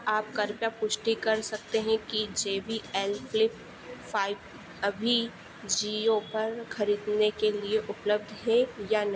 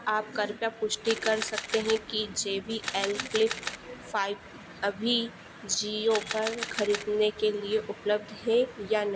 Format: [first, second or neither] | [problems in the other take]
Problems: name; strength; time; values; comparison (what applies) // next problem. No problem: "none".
first | background sound (Camera); 8 dB below the speech